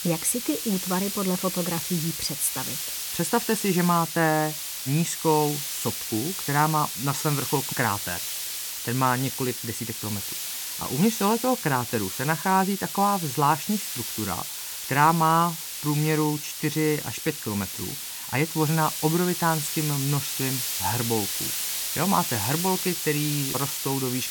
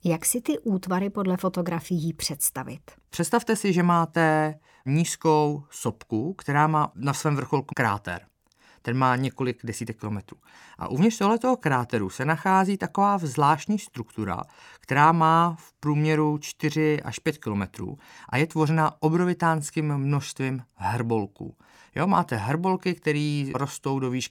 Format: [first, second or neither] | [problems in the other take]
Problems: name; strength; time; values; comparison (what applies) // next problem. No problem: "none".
second | hiss; loud; throughout; 3 dB below the speech